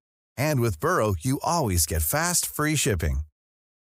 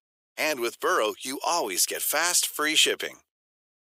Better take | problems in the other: first | thin; very; fading below 350 Hz

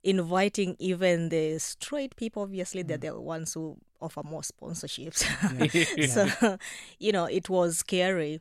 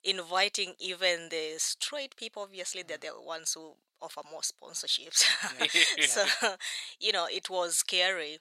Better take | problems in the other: first | thin; very; fading below 750 Hz

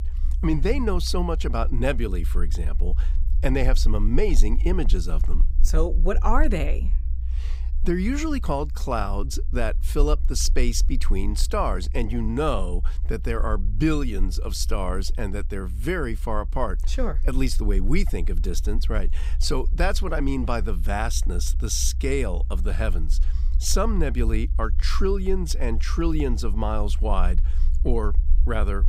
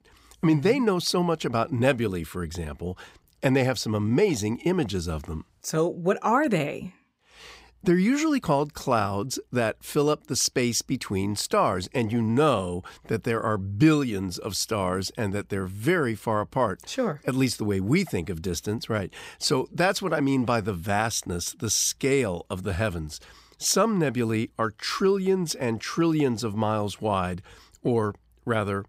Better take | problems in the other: second | low rumble; faint; throughout; 20 dB below the speech

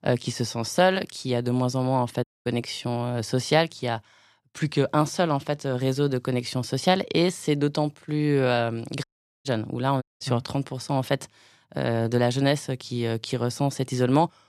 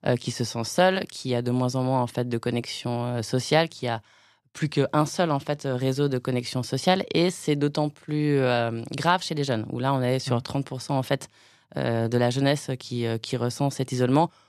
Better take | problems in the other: second | audio cutting out; at 2 s, at 9 s and at 10 s

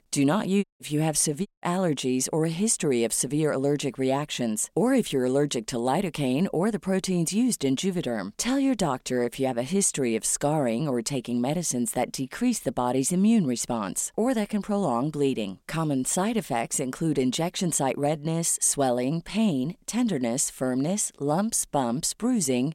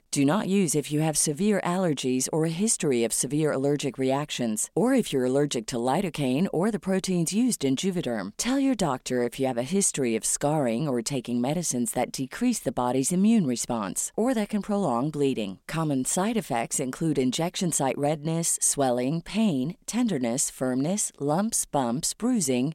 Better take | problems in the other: second | audio cutting out; at 0.5 s and at 1.5 s

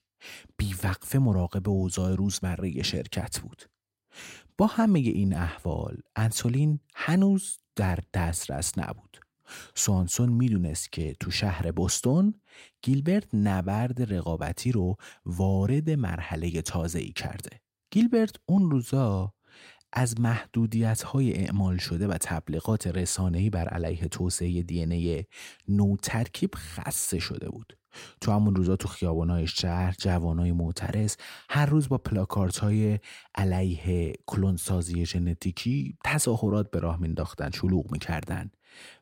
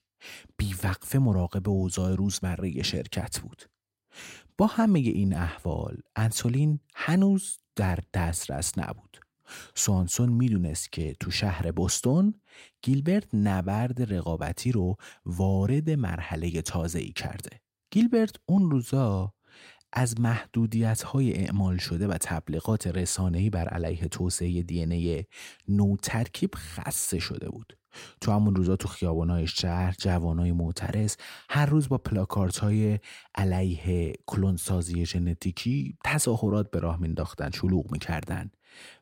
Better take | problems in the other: neither | none

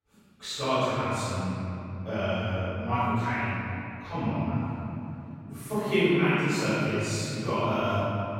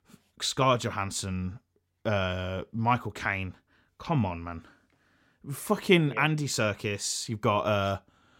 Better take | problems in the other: second | off-mic speech; far // room echo; strong; dies away in 3 s

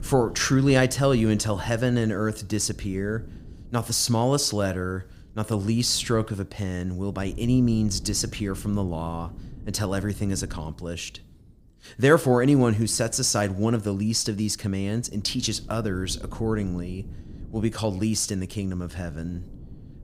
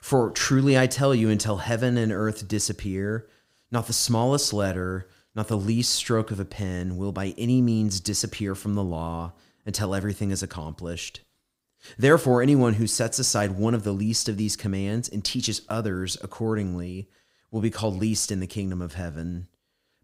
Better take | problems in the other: second | wind noise on the microphone; occasional gusts; 25 dB below the speech

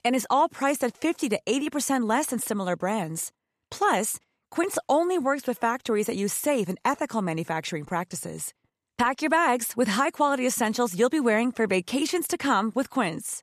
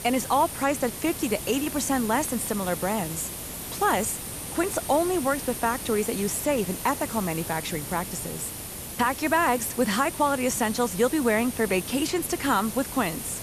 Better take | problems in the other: first | hiss; loud; throughout; 8 dB below the speech

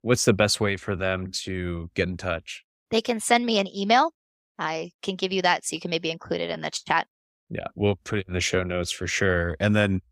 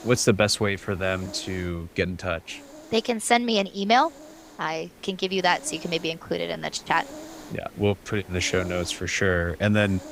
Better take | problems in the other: first | hiss; noticeable; throughout; 20 dB below the speech

